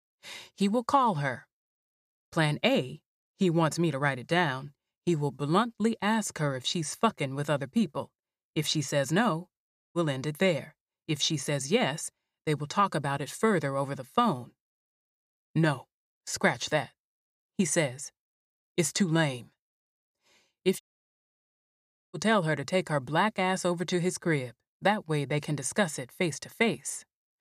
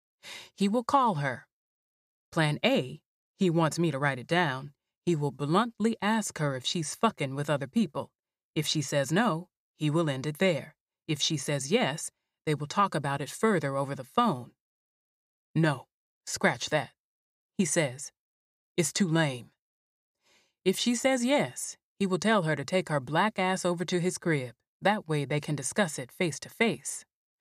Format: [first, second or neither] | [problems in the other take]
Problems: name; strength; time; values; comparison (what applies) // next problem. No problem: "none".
second | audio cutting out; at 9.5 s and at 21 s for 1.5 s